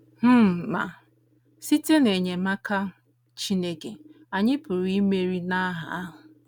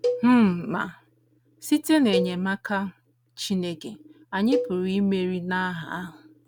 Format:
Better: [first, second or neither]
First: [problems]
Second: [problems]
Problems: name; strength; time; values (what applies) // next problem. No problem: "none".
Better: first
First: none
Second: background sound (Cowbell); 8 dB below the speech